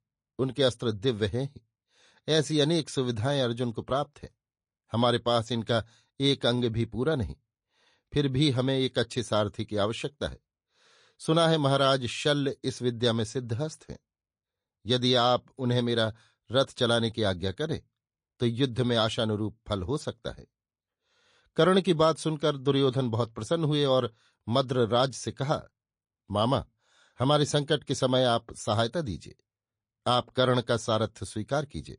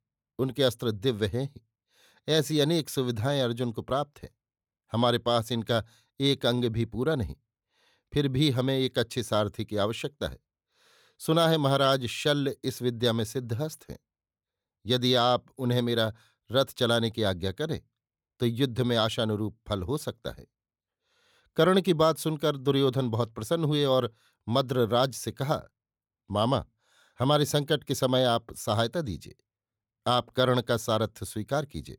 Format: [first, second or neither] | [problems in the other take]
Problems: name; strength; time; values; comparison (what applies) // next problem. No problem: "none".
second | garbled, watery; slightly; nothing above 9 kHz